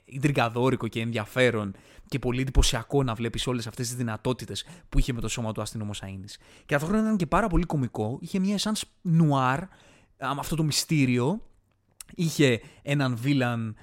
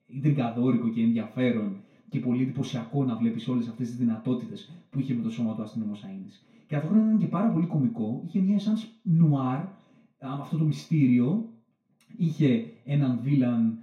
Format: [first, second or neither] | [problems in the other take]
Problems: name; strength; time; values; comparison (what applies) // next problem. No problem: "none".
first | room echo; slight; dies away in 0.4 s // off-mic speech; far